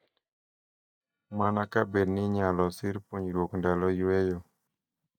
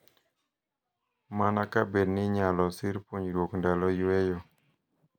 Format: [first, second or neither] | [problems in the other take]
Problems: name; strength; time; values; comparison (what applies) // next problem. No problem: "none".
second | noise reduction (neural mask model DeepFilterNet 3)